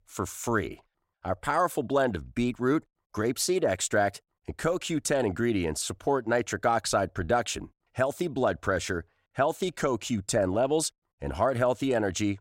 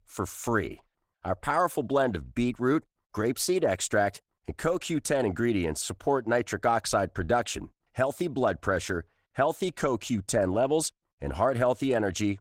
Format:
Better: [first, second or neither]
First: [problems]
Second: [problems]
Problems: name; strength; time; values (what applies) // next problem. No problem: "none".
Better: first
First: none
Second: garbled, watery; slightly; nothing above 16 kHz